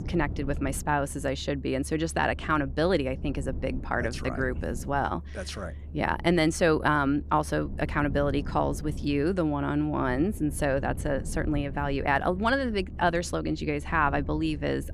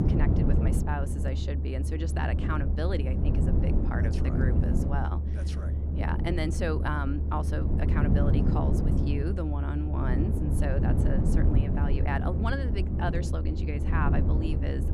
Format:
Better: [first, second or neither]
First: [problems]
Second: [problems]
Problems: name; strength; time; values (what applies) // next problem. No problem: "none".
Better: first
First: low rumble; faint; throughout; 20 dB below the speech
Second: low rumble; loud; throughout; 2 dB below the speech